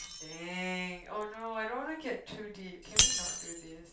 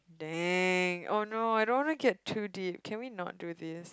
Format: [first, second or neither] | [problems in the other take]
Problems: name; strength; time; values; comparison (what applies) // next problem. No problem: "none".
second | background sound (Shatter); 4 dB above the speech // room echo; dies away in 0.3 s